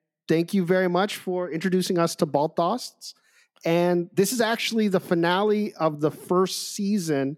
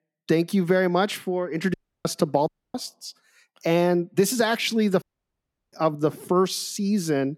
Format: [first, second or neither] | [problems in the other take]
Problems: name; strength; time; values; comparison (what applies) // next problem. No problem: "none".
first | audio cutting out; at 1.5 s, at 2.5 s and at 5 s for 0.5 s